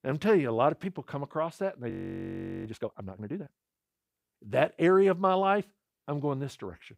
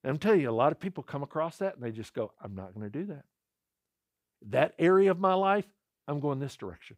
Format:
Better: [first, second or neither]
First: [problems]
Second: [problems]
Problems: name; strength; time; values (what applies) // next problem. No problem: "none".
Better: second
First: audio freezing; at 2 s for 1 s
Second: none